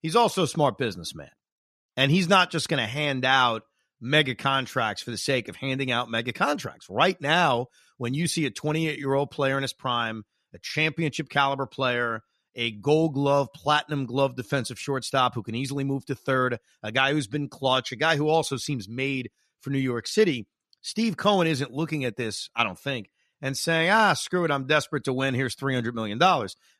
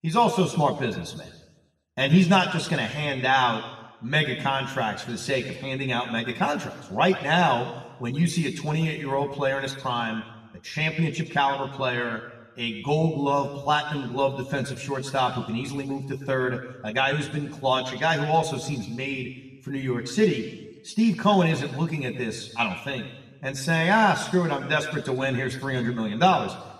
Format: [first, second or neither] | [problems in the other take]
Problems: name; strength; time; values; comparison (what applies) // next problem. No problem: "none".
first | room echo; slight; dies away in 1.1 s // off-mic speech; somewhat distant